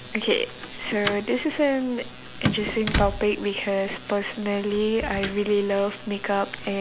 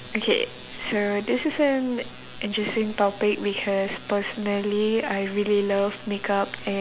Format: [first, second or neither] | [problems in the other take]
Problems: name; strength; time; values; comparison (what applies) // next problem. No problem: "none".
second | background sound (Keys jangling); 9 dB below the speech